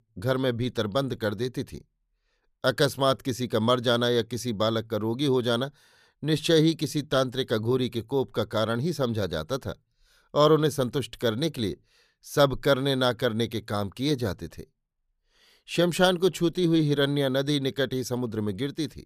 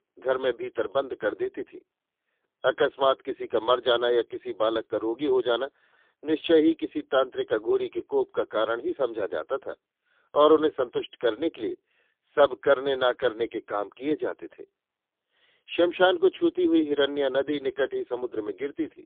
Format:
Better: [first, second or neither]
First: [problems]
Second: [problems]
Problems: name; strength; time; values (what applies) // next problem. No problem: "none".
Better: first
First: none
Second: phone-call audio; poor line; nothing above 3.5 kHz